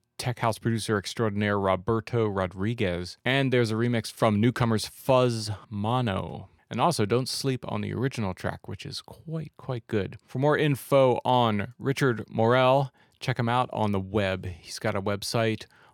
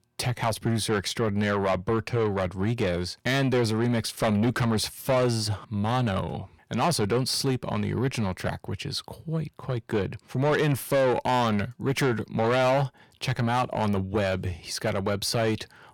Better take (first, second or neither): first